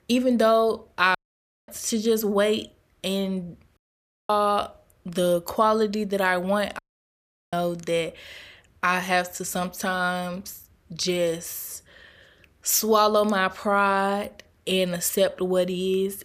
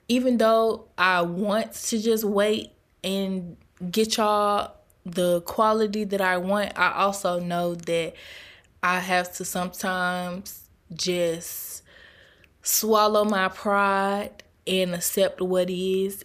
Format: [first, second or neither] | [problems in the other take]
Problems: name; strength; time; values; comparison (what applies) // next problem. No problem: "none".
second | audio cutting out; at 1 s for 0.5 s, at 4 s for 0.5 s and at 7 s for 0.5 s